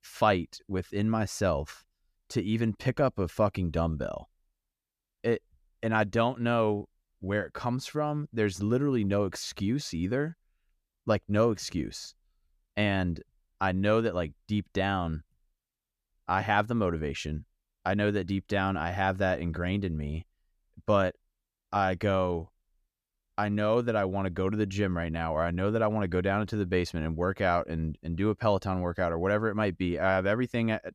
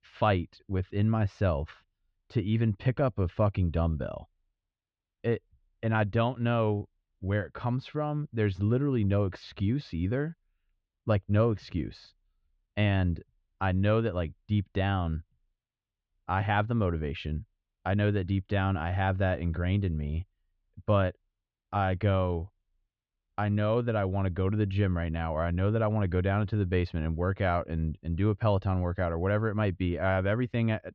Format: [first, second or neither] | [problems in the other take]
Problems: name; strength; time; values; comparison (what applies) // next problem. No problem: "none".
first | muffled; slightly; fading above 3.5 kHz